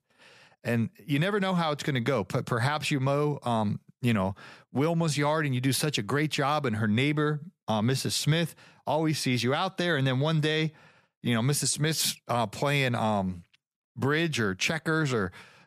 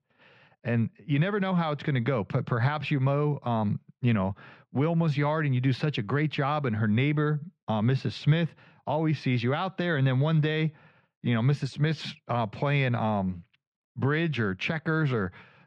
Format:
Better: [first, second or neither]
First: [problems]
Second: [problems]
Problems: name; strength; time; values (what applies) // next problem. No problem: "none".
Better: first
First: none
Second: muffled; slightly; fading above 3 kHz